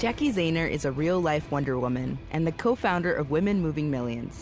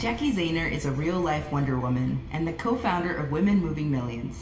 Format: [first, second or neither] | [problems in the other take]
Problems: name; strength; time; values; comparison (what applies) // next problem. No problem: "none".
first | room echo; dies away in 0.8 s